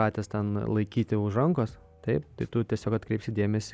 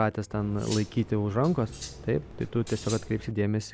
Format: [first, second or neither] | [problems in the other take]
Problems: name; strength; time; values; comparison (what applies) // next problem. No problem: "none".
first | background sound (Cutlery, silverware); 14 dB below the speech